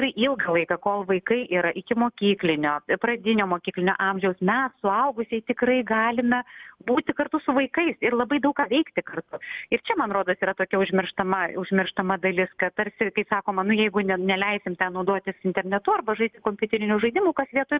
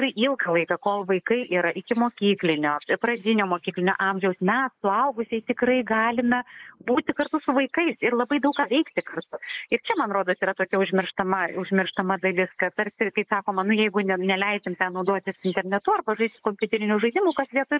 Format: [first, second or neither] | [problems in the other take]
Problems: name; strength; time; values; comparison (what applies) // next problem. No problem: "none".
first | noise reduction (neural mask model Resemble Enhance denoiser)